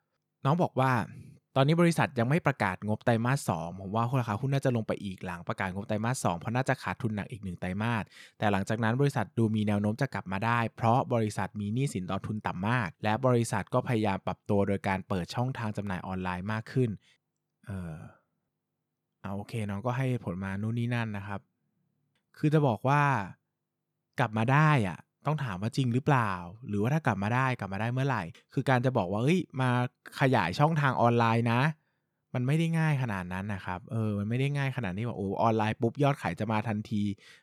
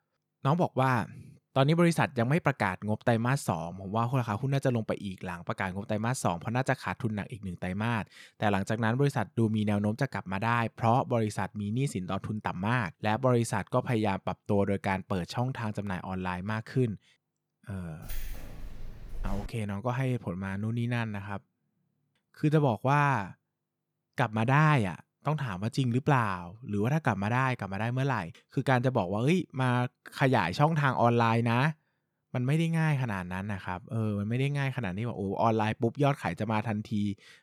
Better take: first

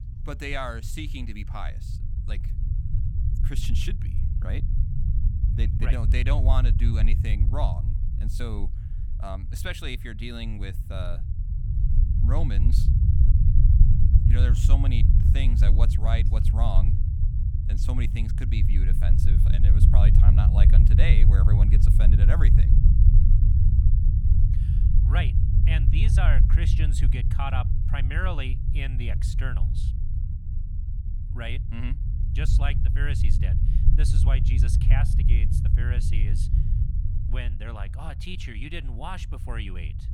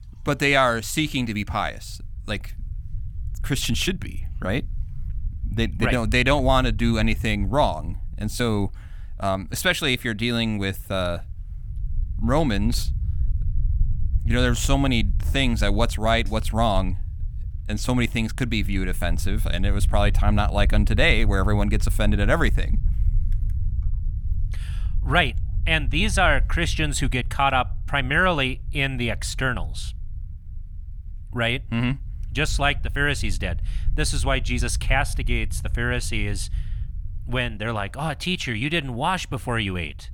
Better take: second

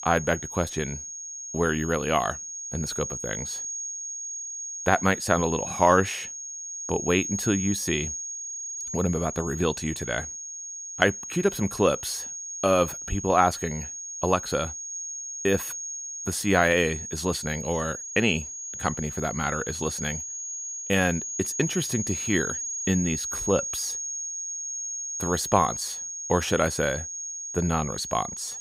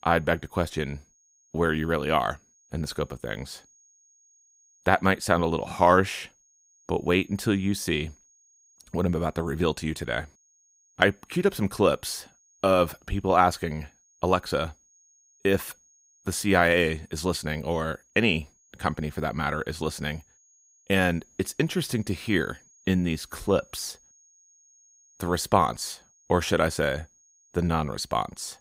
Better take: second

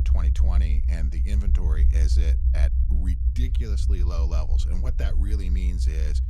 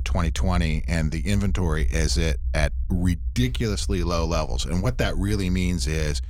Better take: second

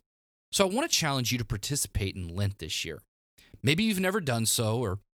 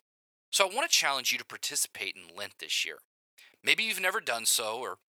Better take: first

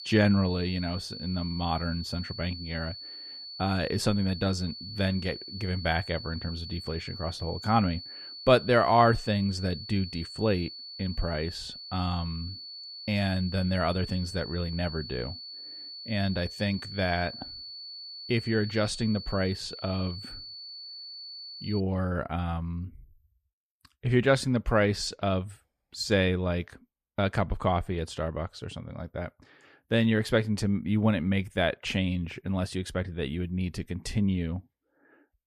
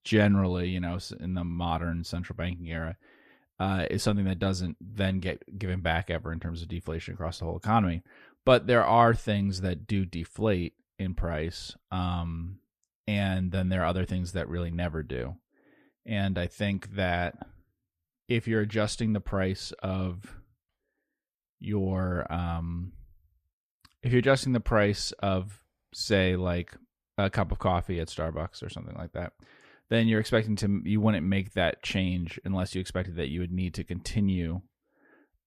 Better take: second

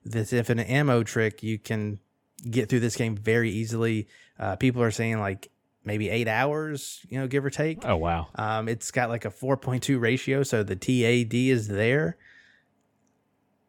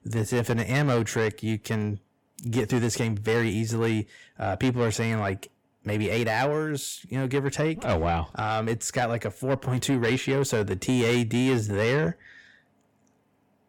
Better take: first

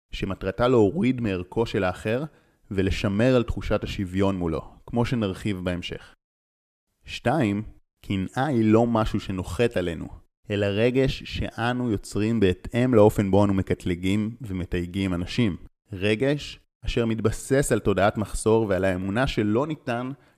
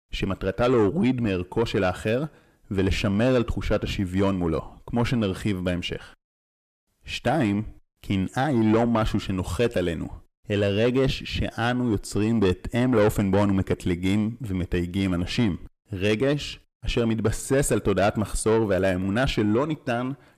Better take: first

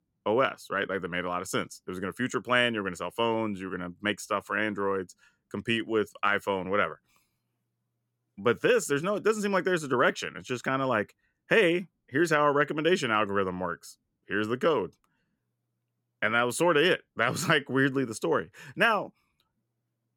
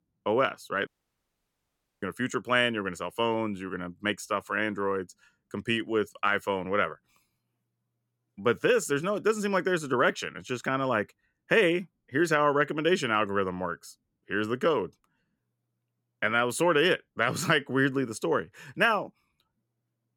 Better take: first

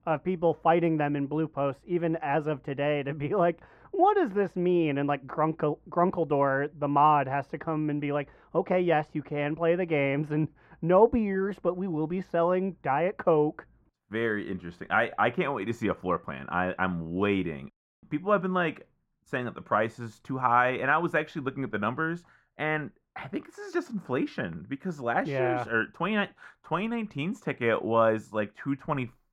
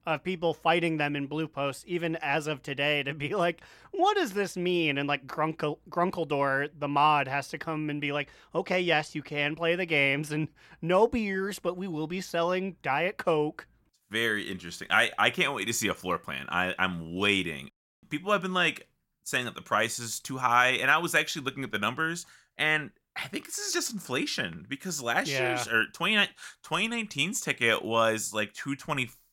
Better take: second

